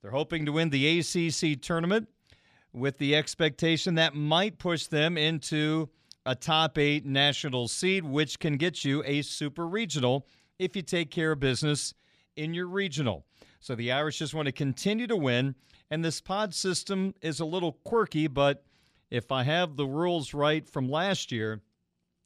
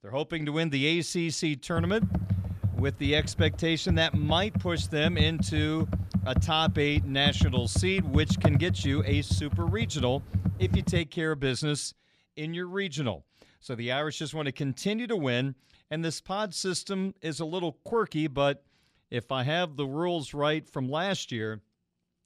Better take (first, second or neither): first